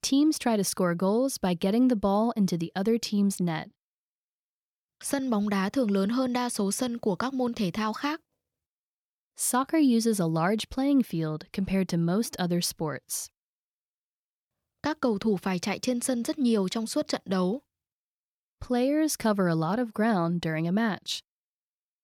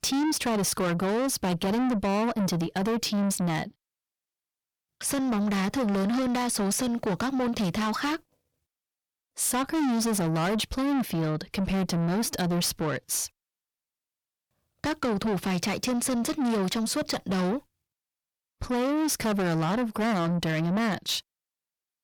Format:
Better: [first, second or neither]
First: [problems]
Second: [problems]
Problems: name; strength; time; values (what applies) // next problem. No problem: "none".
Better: first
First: none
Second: distortion; heavy; 7 dB below the speech